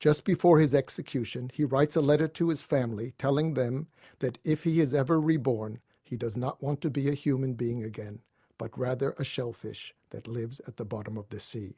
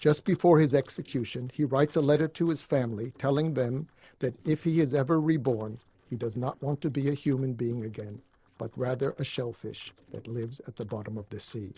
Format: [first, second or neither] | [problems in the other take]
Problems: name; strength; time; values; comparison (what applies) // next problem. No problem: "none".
first | noise reduction (neural separator model SepFormer DNS4)